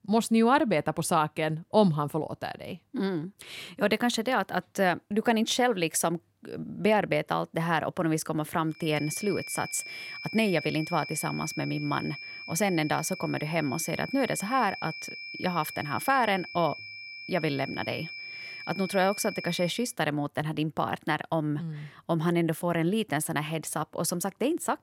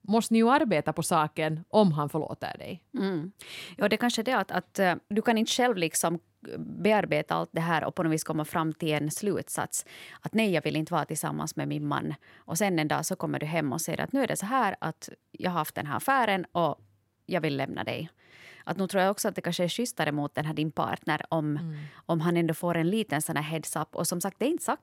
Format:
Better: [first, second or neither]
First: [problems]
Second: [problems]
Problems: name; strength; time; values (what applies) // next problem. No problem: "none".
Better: second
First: high-pitched whine; noticeable; from 9 to 20 s; 2.5 kHz, 10 dB below the speech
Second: none